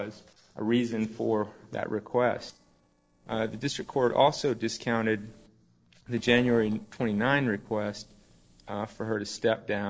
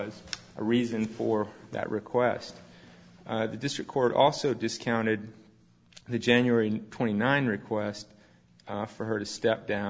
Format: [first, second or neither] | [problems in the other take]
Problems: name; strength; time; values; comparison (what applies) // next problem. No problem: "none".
second | noise reduction (neural separator model SepFormer DNS4)